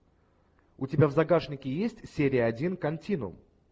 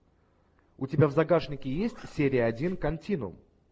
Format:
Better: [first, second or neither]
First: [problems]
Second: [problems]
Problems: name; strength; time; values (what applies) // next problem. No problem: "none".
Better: first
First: none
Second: background sound (Meow); 12 dB below the speech